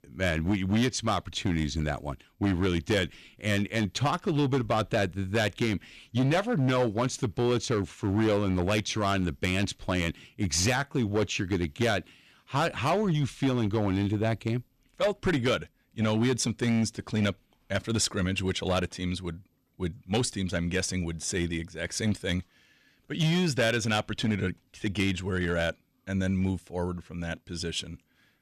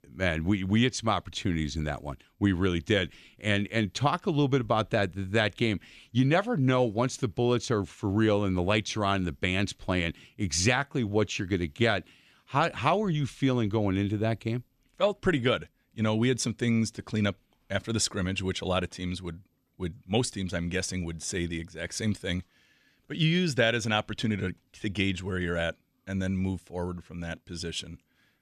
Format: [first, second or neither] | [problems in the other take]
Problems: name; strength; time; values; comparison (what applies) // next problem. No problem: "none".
second | distortion; slight; 7% of the sound clipped